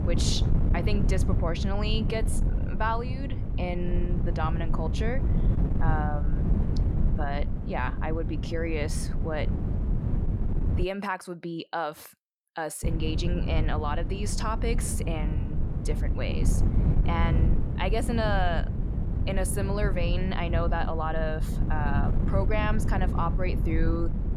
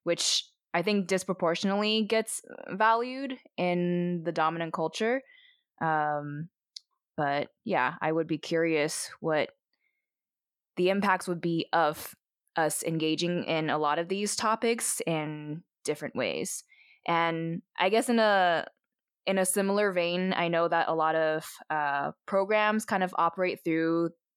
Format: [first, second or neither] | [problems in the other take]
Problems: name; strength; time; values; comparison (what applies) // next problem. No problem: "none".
second | wind noise on the microphone; heavy; until 11 s and from 13 s on; 8 dB below the speech